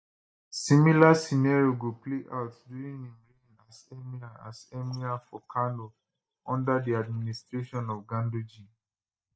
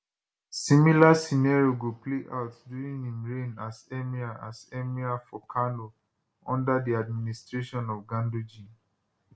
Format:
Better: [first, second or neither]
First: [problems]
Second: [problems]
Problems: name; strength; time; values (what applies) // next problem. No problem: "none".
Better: second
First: noise reduction (neural mask model DeepFilterNet 3)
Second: none